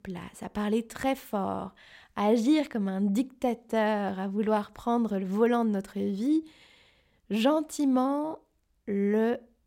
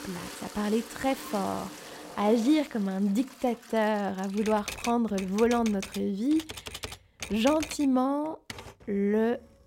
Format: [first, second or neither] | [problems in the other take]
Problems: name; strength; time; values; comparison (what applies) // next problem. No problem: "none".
first | household noises; noticeable; throughout; 15 dB below the speech